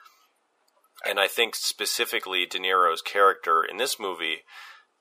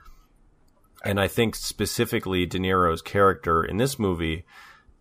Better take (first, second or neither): second